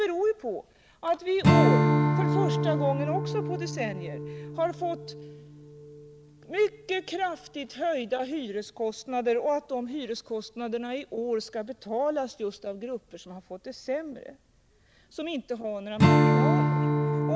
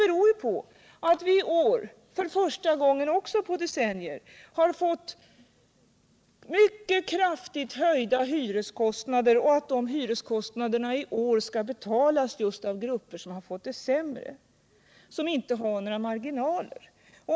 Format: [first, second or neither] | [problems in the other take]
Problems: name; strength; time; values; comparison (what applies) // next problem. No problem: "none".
second | background sound (Strum); 3 dB above the speech